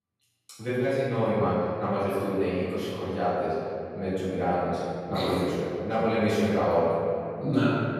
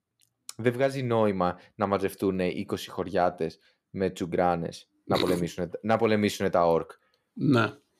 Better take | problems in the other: second | off-mic speech; far // room echo; strong; dies away in 2.9 s

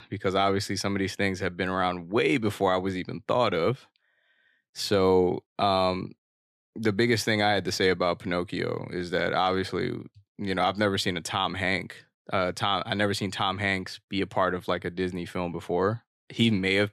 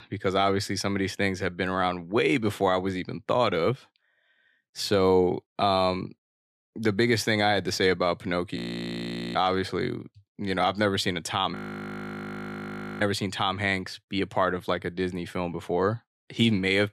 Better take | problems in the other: first | audio freezing; at 8.5 s for 1 s and at 12 s for 1.5 s

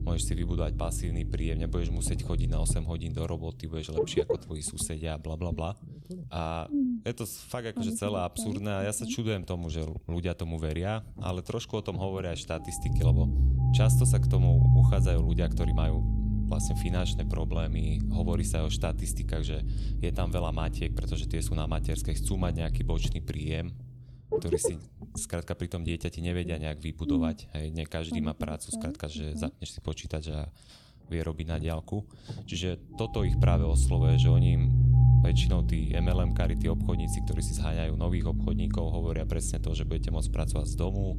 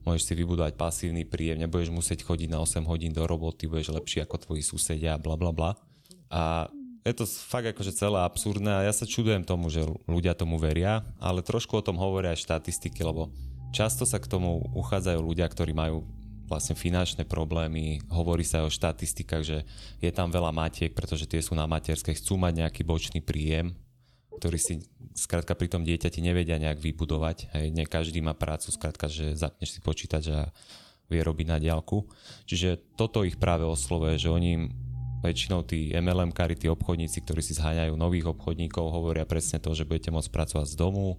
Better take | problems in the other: second | low rumble; loud; throughout; 2 dB below the speech; faint in the second

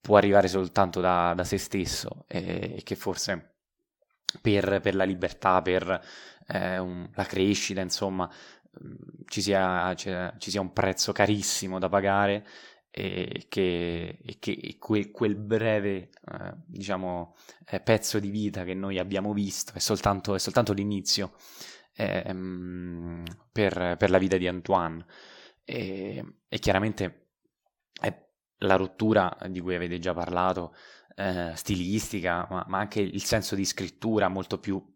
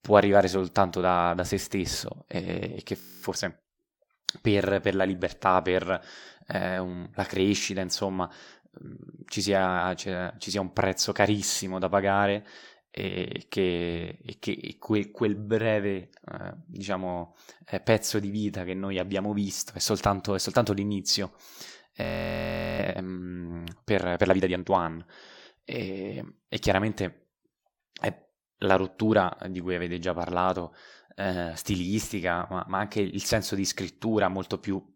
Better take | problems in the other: first | audio freezing; at 3 s and at 22 s for 1 s

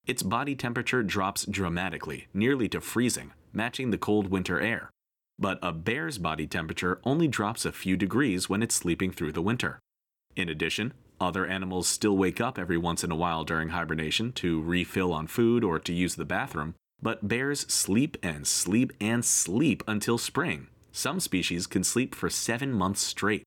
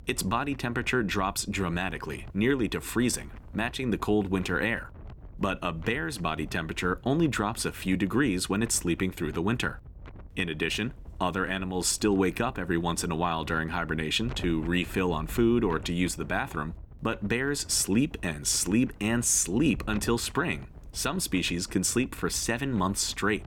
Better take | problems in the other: first | wind noise on the microphone; occasional gusts; 25 dB below the speech

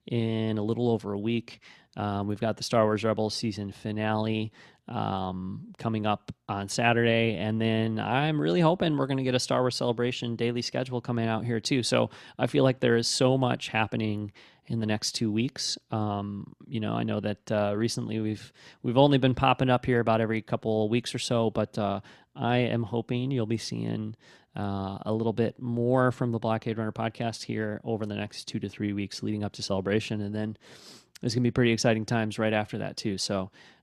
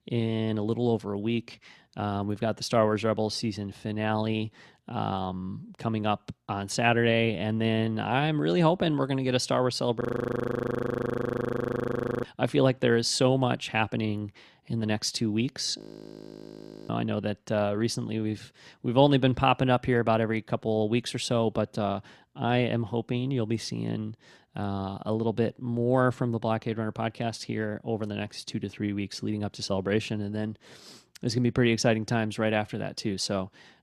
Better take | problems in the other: first | audio freezing; at 10 s for 2 s and at 16 s for 1 s

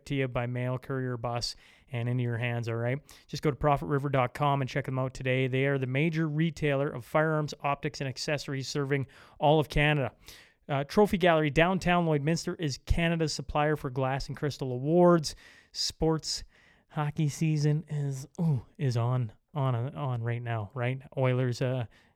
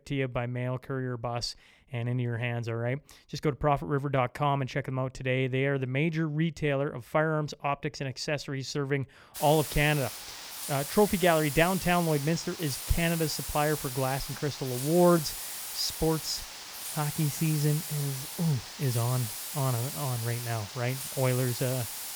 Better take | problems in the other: first | hiss; loud; from 9.5 s on; 6 dB below the speech

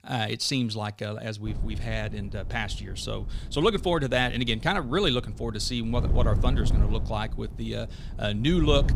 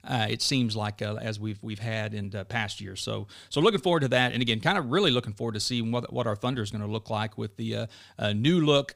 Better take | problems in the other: second | wind noise on the microphone; occasional gusts; from 1.5 s on; 15 dB below the speech

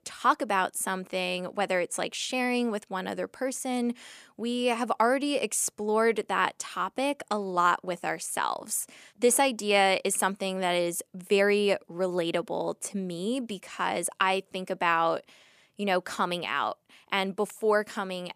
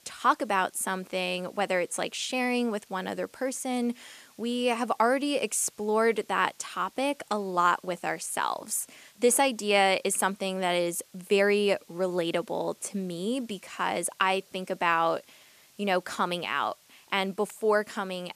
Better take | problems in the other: first | hiss; faint; throughout; 30 dB below the speech

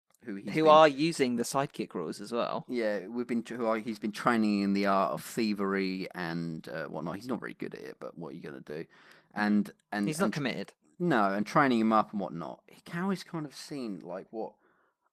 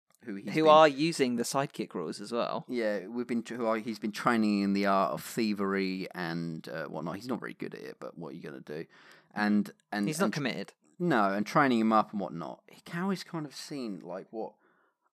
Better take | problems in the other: second | garbled, watery; slightly; nothing above 14 kHz

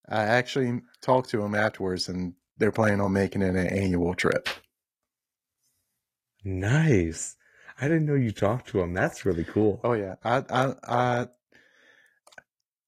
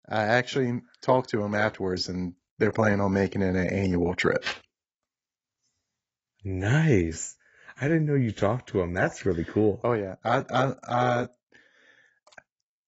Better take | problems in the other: first | garbled, watery; badly; nothing above 7.5 kHz; slightly in the first

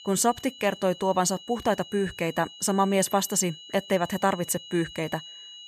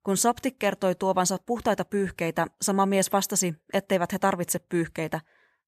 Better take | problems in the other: second | high-pitched whine; noticeable; throughout; 3 kHz, 15 dB below the speech

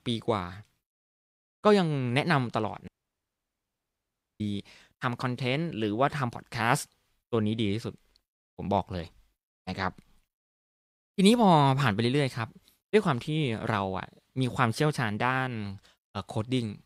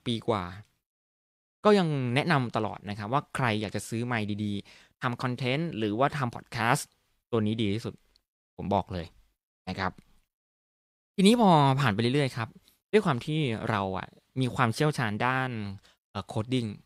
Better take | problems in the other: second | audio cutting out; at 3 s for 1.5 s

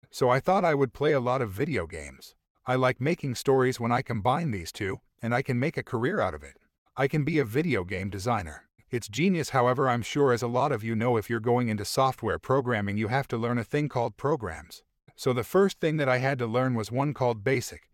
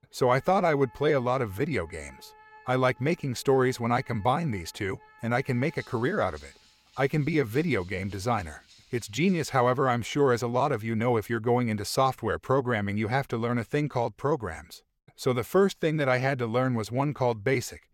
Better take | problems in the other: first | background music; faint; until 9.5 s; 25 dB below the speech

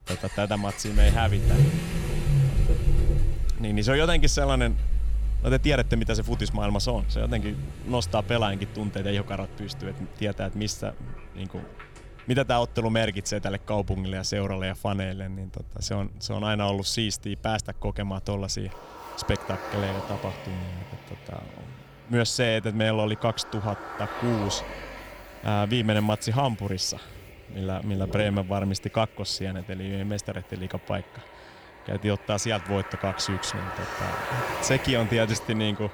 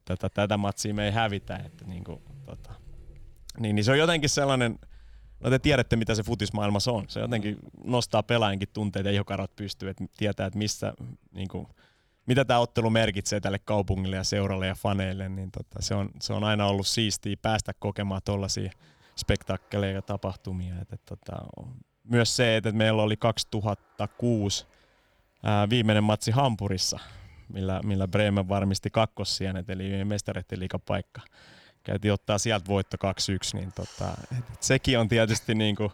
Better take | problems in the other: second | traffic noise; loud; throughout; 3 dB below the speech; faint in the second

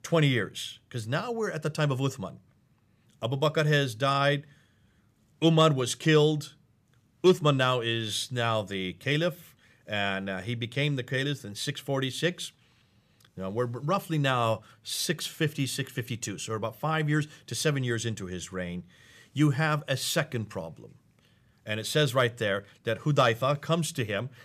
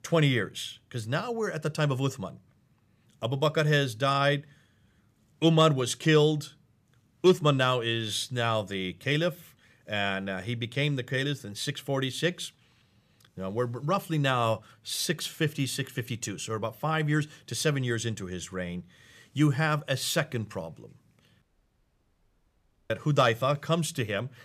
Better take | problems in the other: first | audio cutting out; at 21 s for 1.5 s

